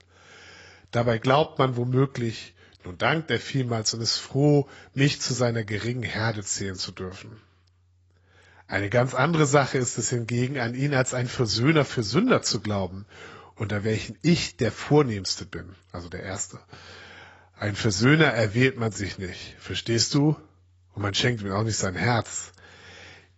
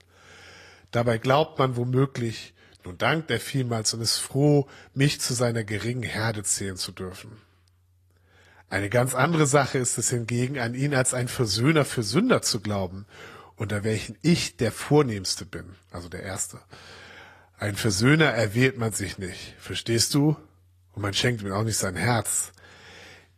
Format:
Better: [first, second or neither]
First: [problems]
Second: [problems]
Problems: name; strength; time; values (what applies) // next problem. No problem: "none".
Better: second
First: garbled, watery; badly; nothing above 7.5 kHz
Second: garbled, watery; slightly; nothing above 14.5 kHz